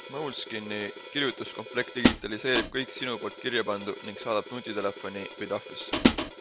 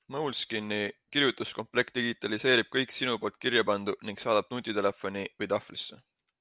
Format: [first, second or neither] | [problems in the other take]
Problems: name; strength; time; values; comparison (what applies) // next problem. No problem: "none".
second | background sound (Hi-hat); as loud as the speech